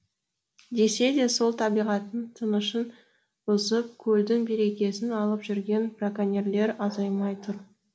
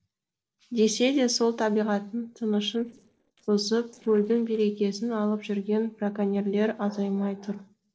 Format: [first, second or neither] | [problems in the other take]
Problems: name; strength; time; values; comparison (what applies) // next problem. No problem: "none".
first | noise reduction (neural separator model SepFormer DNS4)